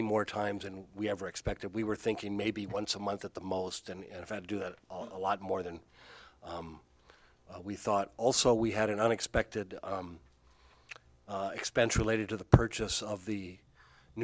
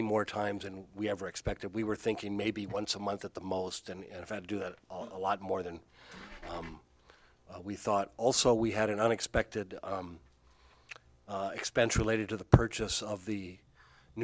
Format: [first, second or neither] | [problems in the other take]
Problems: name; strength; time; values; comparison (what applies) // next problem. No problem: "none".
first | background sound (Engine / Car); 15 dB below the speech